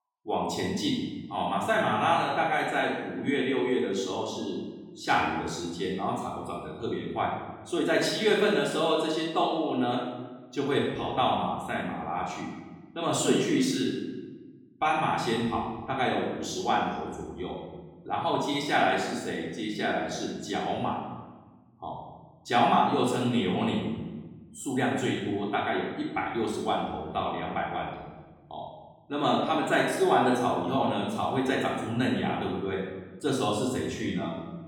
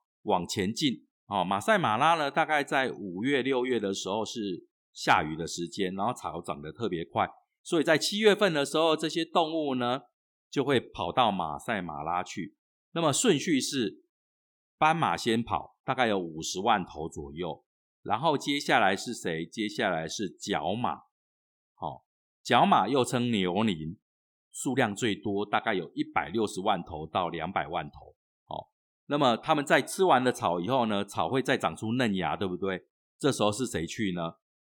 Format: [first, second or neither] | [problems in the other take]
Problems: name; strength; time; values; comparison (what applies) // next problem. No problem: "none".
second | off-mic speech; far // room echo; noticeable; dies away in 1.1 s